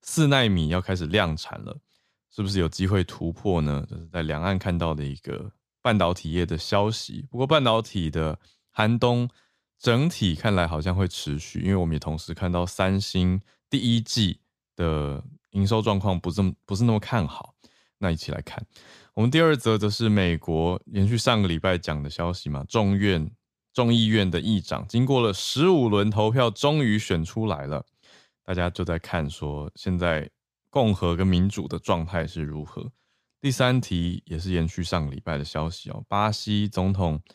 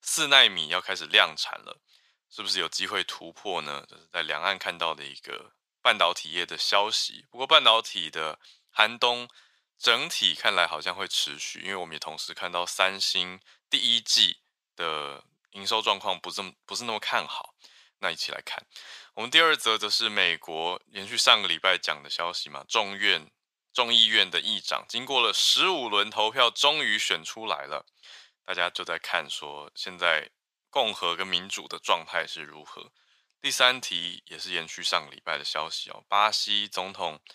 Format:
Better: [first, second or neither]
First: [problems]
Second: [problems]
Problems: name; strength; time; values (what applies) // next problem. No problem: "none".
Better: first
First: none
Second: thin; very; fading below 900 Hz